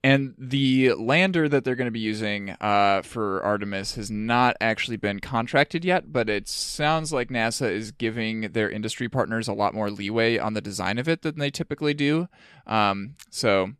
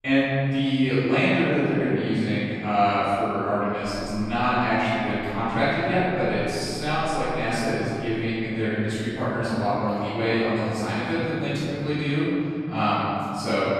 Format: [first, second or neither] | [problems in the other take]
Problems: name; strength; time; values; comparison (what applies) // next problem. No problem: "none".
first | off-mic speech; far // room echo; strong; dies away in 3 s